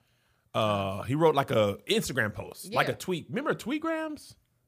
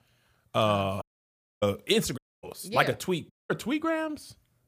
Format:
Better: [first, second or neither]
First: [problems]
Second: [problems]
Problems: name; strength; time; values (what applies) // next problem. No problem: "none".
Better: first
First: none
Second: audio cutting out; at 1 s for 0.5 s, at 2 s and at 3.5 s